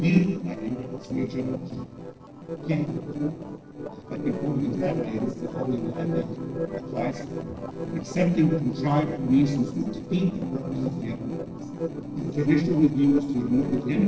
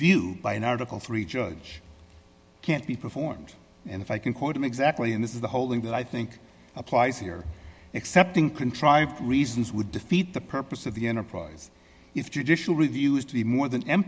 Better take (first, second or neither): second